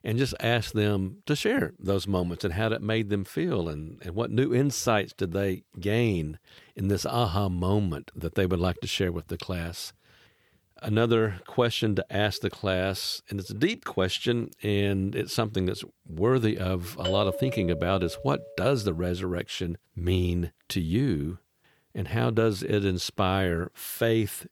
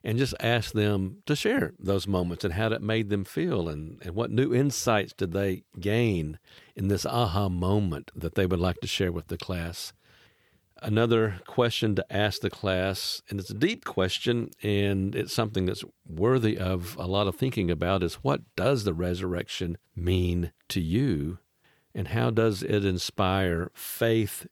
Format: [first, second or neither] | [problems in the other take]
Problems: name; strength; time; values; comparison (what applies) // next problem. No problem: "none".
second | doorbell; noticeable; from 17 to 19 s; peak 4 dB below the speech